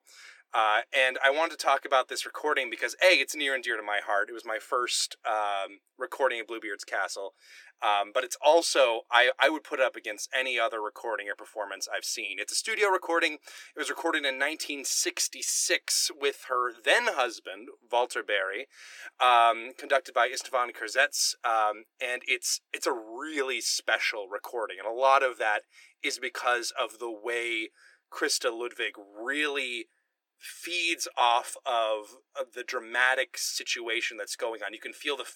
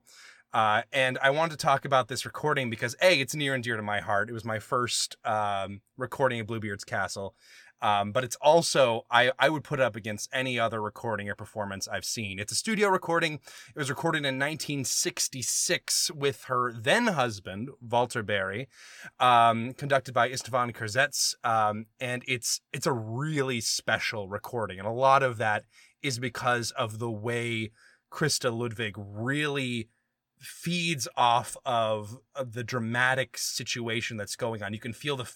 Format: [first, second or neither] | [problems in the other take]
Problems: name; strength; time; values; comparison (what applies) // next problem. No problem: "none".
second | thin; very; fading below 300 Hz